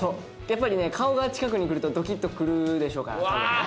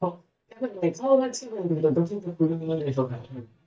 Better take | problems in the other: first | noise reduction (neural mask model DeepFilterNet 3)

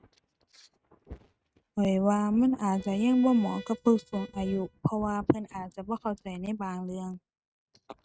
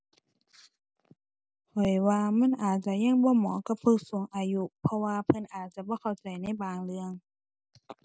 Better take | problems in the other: second | noise reduction (neural mask model RNNoise)

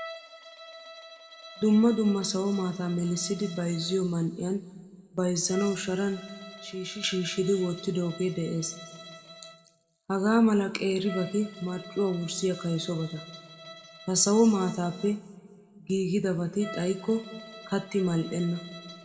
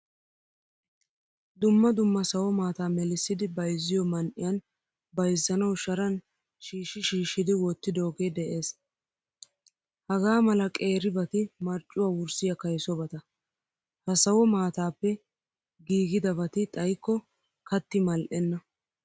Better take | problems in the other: second | background sound (Bowed string instrument); 18 dB below the speech // room echo; dies away in 1.5 s

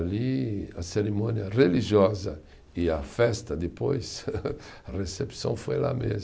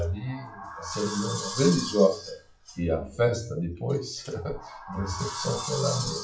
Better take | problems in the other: first | noise reduction (classical method WPE with log-MMSE)

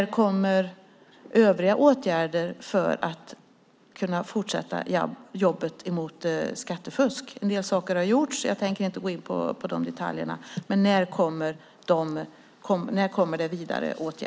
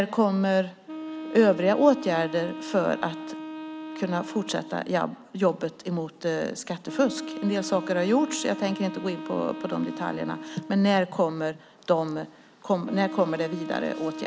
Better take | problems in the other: first | background sound (Wind instrument, woodwind instrument); 12 dB below the speech

